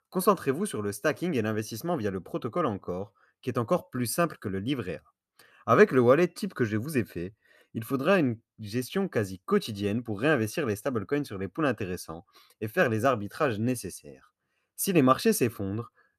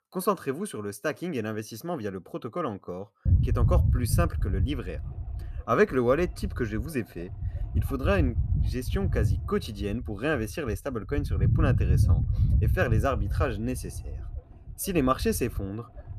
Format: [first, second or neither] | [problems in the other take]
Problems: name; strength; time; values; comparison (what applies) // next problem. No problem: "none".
first | low rumble; noticeable; from 3.5 s on; 10 dB below the speech